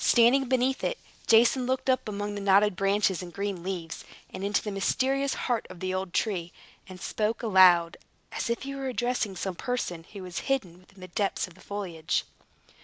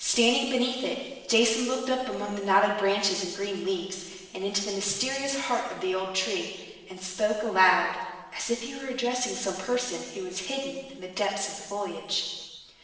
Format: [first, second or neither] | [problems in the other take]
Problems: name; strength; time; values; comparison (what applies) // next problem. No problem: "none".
first | room echo; dies away in 1.2 s